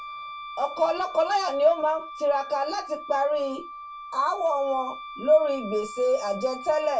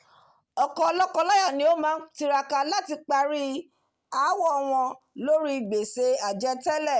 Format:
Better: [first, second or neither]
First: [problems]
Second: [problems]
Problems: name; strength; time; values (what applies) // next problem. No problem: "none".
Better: second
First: background sound (Wind instrument, woodwind instrument); 13 dB below the speech // room echo; dies away in 0.1 s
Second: none